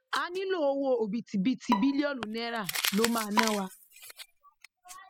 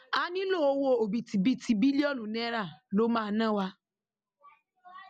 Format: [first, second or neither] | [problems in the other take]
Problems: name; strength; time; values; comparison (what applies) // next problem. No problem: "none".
second | noise reduction (classical method spectral subtraction)